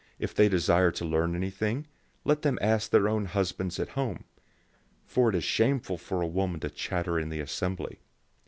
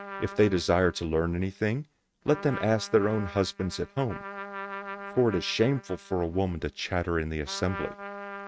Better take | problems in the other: first | noise reduction (neural mask model RNNoise)

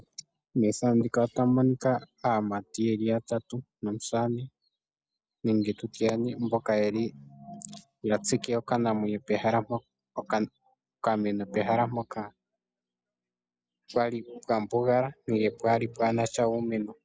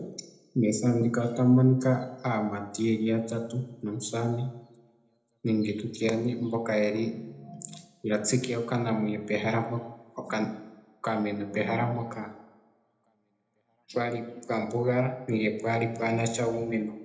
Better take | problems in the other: first | room echo; dies away in 0.8 s

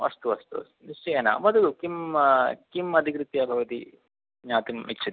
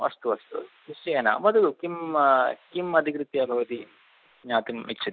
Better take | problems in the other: first | noise reduction (neural mask model Resemble Enhance denoiser)

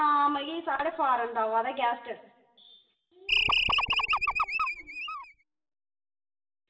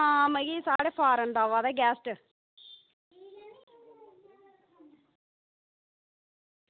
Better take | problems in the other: second | background sound (Animal); 4 dB above the speech // room echo; dies away in 0.8 s

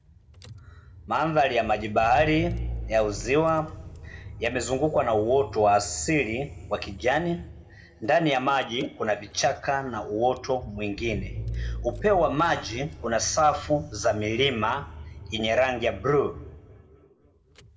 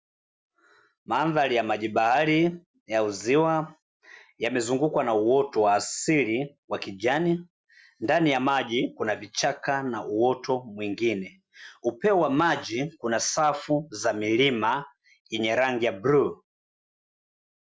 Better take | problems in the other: second | background sound (Engine / Car); 13 dB below the speech // room echo; dies away in 0.9 s

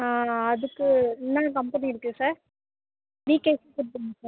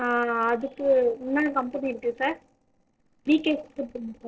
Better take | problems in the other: first | noise reduction (neural separator model SepFormer DNS4)

